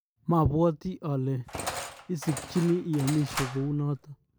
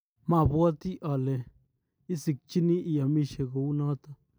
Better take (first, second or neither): second